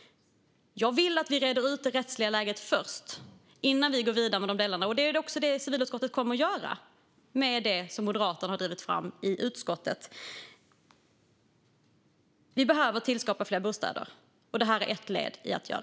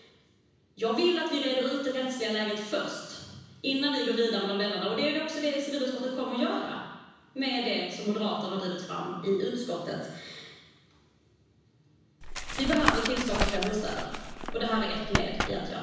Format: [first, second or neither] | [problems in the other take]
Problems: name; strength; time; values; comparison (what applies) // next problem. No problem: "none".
first | background sound (Tap); 1 dB below the speech // room echo; dies away in 1.1 s